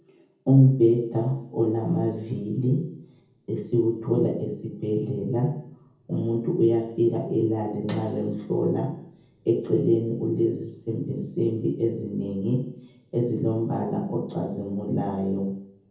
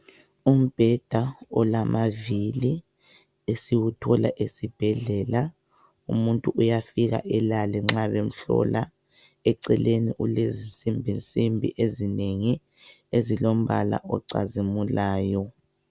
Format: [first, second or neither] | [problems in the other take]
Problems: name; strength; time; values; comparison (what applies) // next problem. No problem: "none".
second | room echo; dies away in 0.7 s